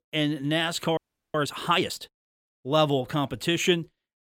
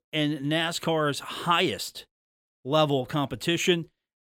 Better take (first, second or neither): second